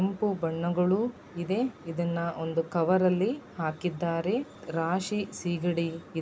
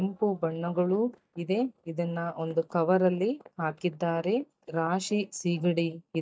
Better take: first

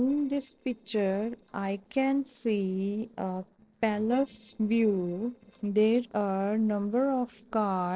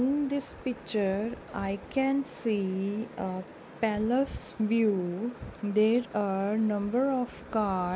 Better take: second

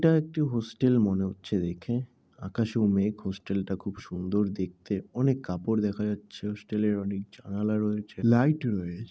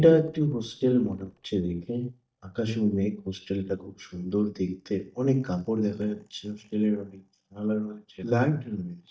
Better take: first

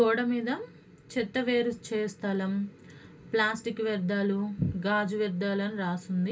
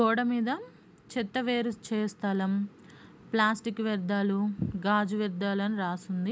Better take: second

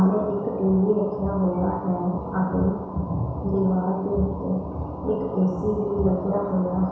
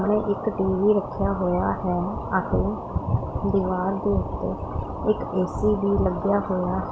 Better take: second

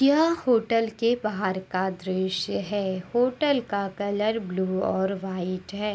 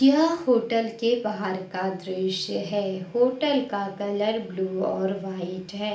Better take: first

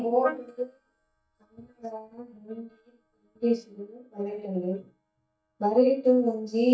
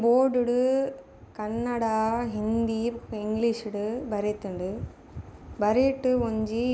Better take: second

